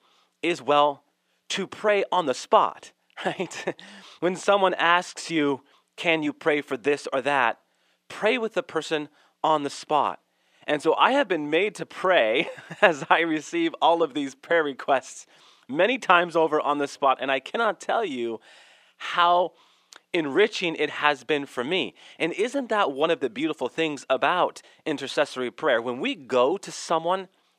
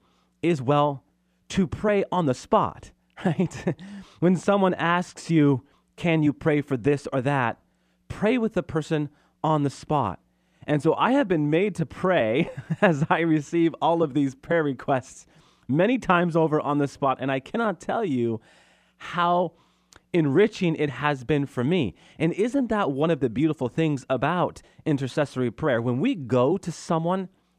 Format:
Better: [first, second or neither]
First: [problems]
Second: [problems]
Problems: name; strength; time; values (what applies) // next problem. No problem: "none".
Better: second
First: thin; somewhat; fading below 450 Hz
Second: none